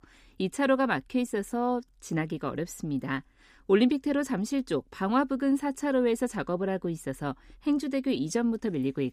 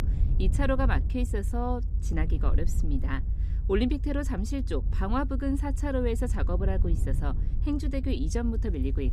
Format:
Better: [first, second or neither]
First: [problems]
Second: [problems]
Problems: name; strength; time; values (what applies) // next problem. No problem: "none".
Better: first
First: none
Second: low rumble; noticeable; throughout; 15 dB below the speech